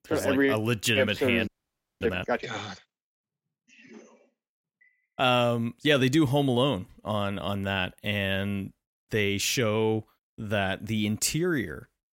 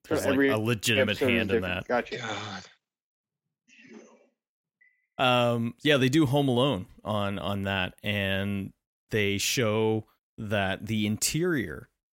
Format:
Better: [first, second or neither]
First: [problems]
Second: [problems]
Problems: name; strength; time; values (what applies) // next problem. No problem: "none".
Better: second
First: audio freezing; at 1.5 s for 0.5 s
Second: none